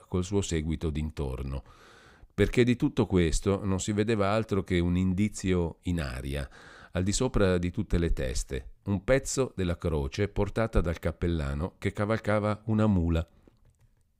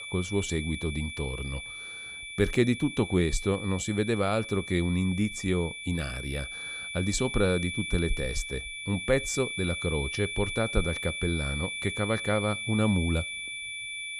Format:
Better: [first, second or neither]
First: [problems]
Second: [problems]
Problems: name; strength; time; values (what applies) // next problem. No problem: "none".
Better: first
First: none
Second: high-pitched whine; loud; throughout; 2.5 kHz, 5 dB below the speech